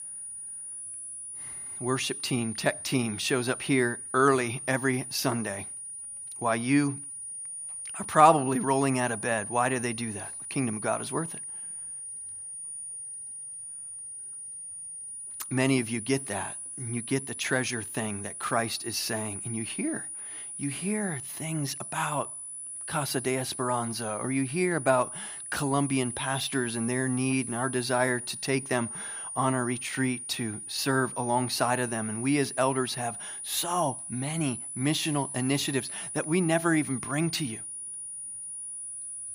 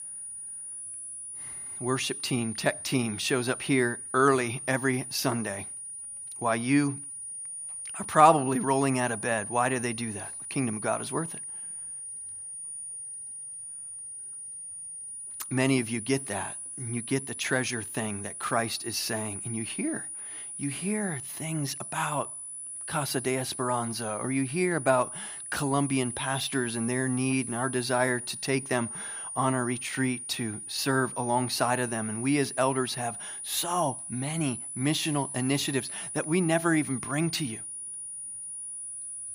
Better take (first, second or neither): neither